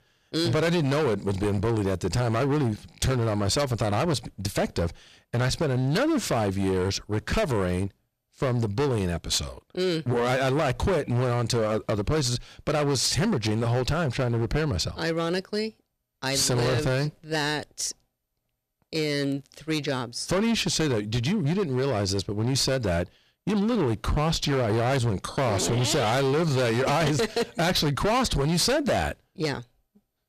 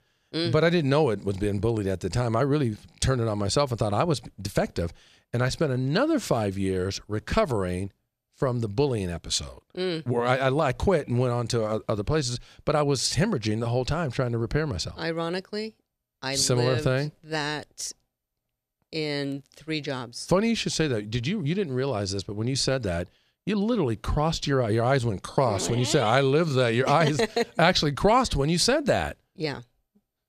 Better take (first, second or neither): second